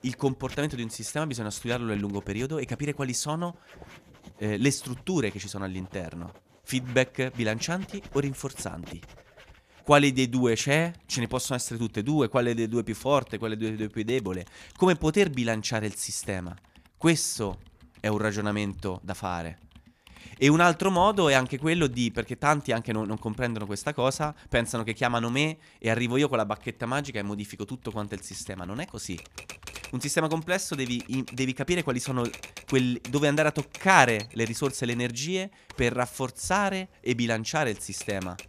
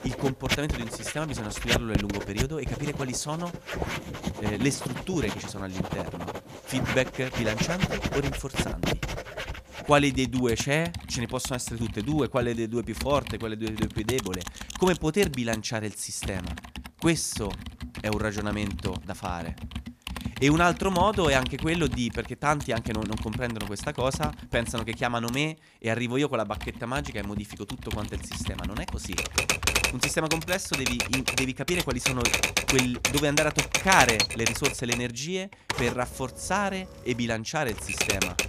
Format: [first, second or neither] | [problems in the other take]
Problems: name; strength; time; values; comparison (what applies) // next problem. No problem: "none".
first | household noises; loud; throughout; 2 dB below the speech; faint in the first